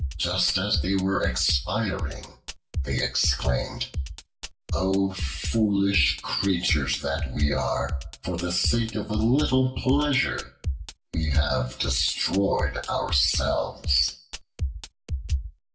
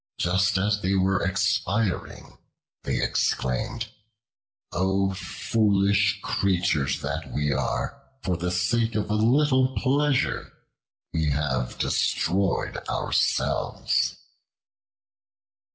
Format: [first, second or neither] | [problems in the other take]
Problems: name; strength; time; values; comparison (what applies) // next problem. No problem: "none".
second | background sound (Drum kit); 5 dB below the speech // room echo; dies away in 0.2 s